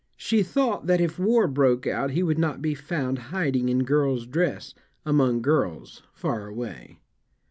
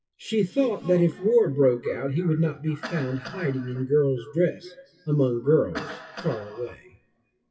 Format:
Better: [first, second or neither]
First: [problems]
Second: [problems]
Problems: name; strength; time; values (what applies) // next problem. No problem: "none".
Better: first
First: none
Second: noise reduction (classical method WPE with log-MMSE)